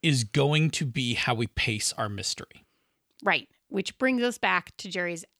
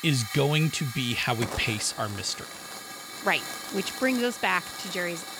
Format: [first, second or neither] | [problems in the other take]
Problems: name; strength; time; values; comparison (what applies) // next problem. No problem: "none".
first | hiss; loud; throughout; 9 dB below the speech